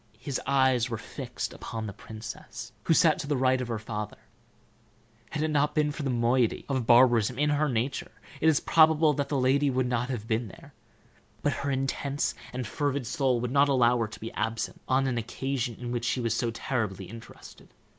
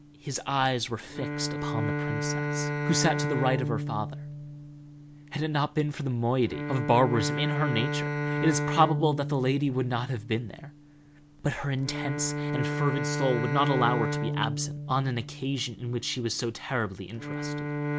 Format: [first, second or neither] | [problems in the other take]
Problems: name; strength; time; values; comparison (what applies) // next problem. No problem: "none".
first | background sound (Bowed string instrument); 3 dB below the speech